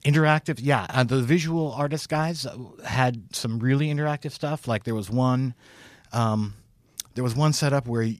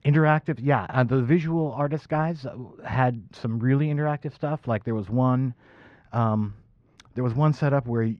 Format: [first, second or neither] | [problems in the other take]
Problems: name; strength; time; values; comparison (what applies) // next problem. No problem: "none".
first | muffled; very; fading above 1.5 kHz